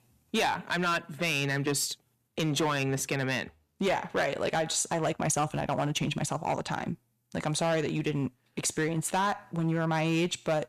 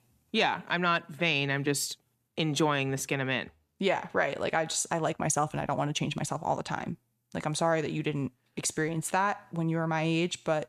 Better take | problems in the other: second | distortion; slight; 7% of the sound clipped

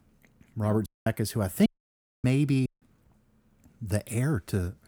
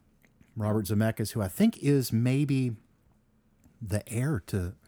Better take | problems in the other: second | audio cutting out; at 1 s, at 1.5 s for 0.5 s and at 2.5 s

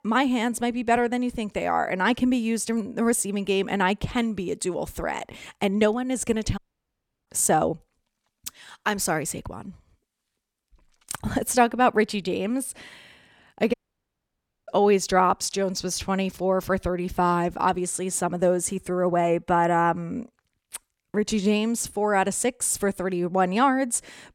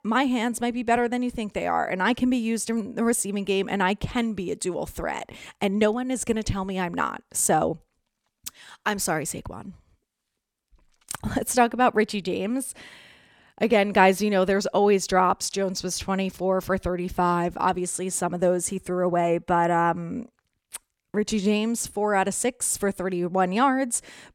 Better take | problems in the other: second | audio cutting out; at 6.5 s for 0.5 s and at 14 s for 1 s

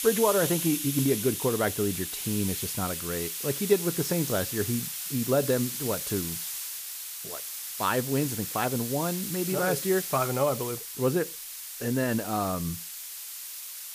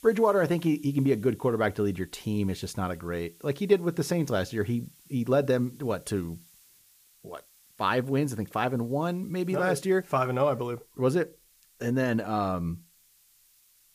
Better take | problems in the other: second | hiss; loud; throughout; 4 dB below the speech; faint in the second

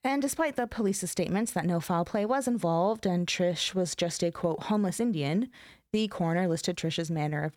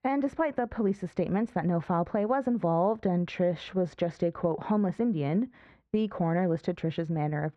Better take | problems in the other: first | muffled; very; fading above 1.5 kHz

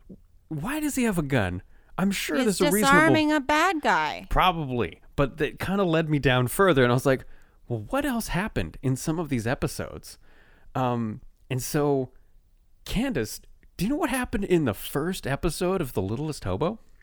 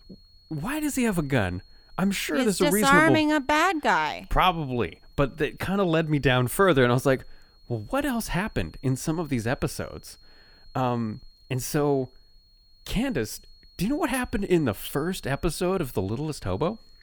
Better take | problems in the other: first | high-pitched whine; faint; throughout; 4.5 kHz, 30 dB below the speech

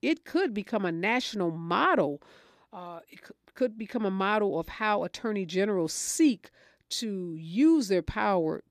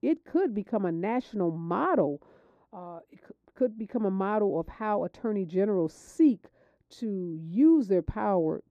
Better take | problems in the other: first | muffled; very; fading above 1.5 kHz

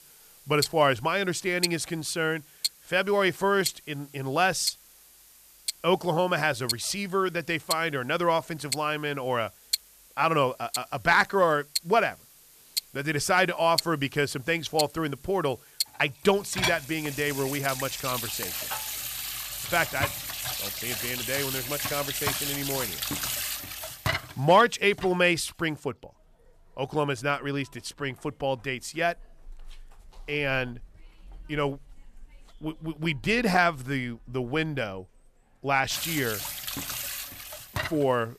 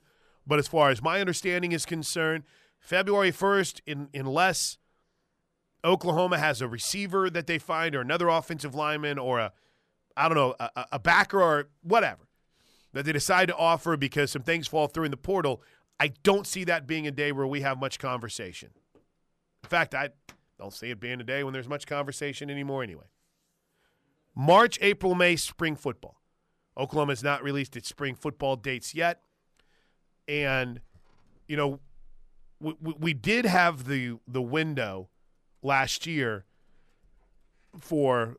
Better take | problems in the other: second | household noises; loud; throughout; 4 dB below the speech

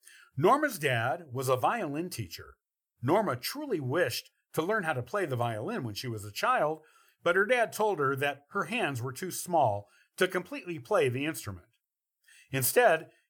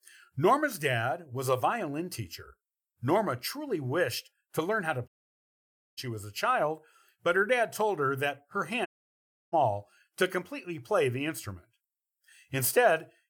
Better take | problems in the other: first | audio cutting out; at 5 s for 1 s and at 9 s for 0.5 s

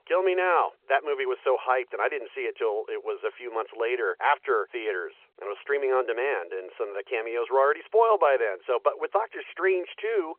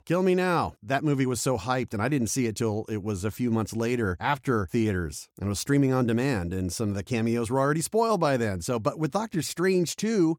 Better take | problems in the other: second | phone-call audio

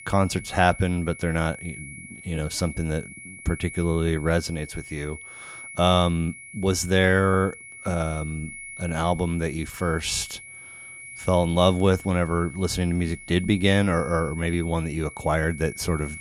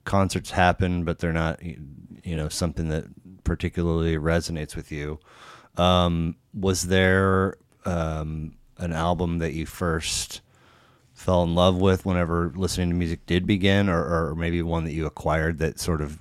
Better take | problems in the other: second | high-pitched whine; noticeable; throughout; 2 kHz, 15 dB below the speech

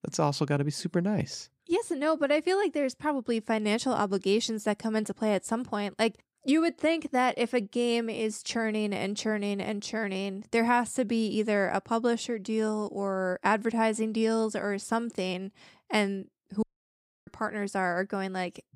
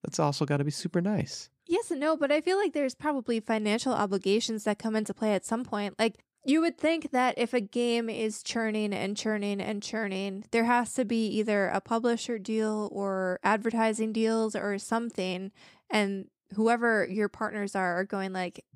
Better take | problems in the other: second | audio cutting out; at 17 s for 0.5 s

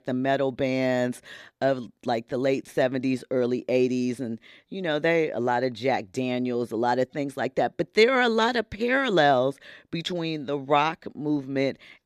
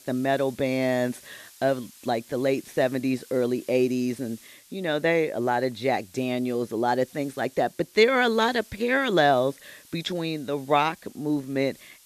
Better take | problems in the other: first | hiss; faint; throughout; 25 dB below the speech

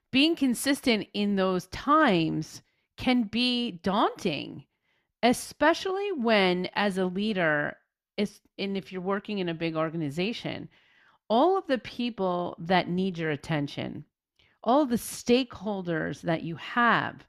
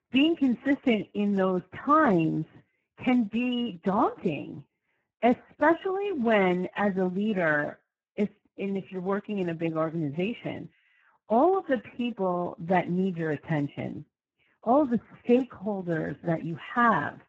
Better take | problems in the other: first | garbled, watery; badly; nothing above 7.5 kHz

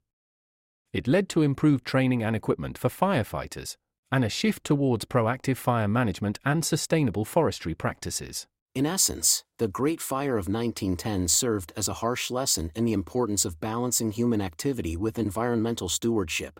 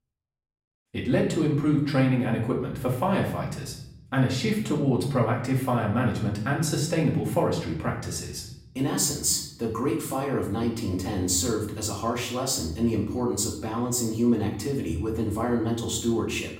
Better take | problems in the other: first | room echo; slight; dies away in 0.9 s // off-mic speech; far

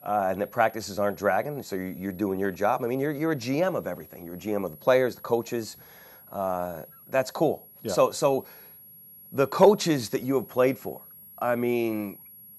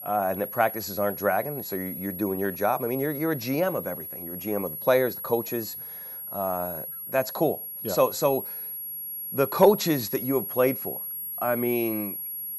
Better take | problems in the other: first | high-pitched whine; loud; throughout; 11.5 kHz, 6 dB below the speech; faint in the first

